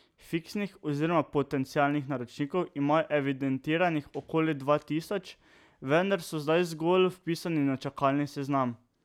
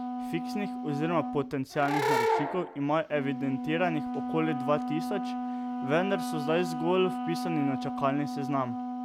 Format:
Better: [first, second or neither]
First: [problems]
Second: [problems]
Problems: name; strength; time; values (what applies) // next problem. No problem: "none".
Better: first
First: none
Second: background sound (Wind instrument, woodwind instrument + Animal / Brass instrument); 2 dB below the speech